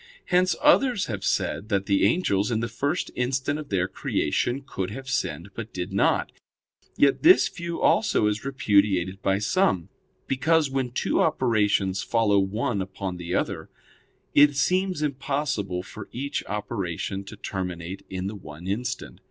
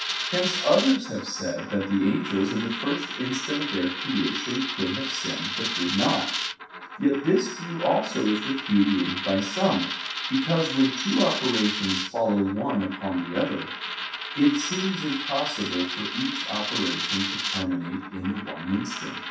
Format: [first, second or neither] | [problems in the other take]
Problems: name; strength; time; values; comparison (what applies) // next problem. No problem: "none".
first | background sound (Coin (dropping)); 5 dB below the speech // room echo; dies away in 0.6 s